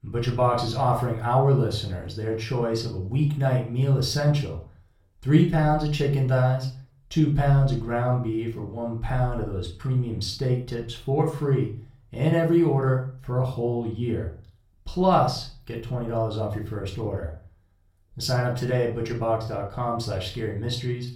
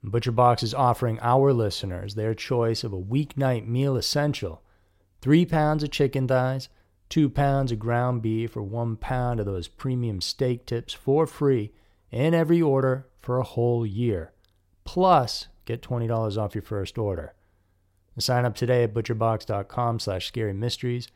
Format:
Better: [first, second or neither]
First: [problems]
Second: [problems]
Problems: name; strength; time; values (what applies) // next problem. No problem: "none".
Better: second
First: off-mic speech; far // room echo; slight; dies away in 0.4 s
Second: none